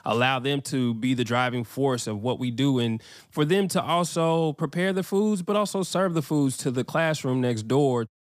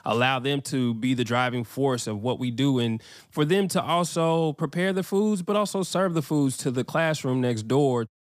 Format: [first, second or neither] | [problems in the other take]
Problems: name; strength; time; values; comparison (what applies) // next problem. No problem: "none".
neither | none